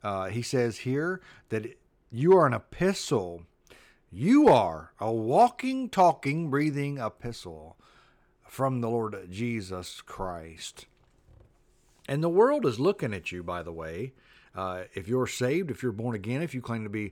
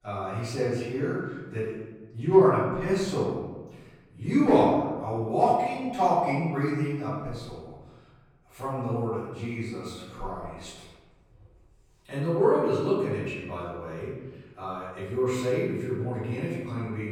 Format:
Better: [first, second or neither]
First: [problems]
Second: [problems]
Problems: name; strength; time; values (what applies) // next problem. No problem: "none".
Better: first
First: none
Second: off-mic speech; far // room echo; strong; dies away in 1.2 s